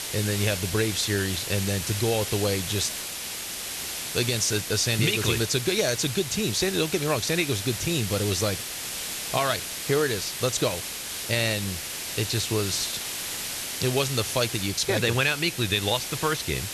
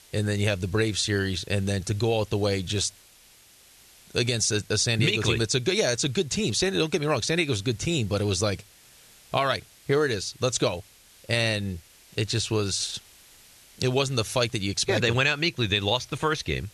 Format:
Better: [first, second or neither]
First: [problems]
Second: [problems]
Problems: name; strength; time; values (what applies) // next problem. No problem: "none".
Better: second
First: hiss; loud; throughout; 5 dB below the speech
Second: hiss; faint; throughout; 25 dB below the speech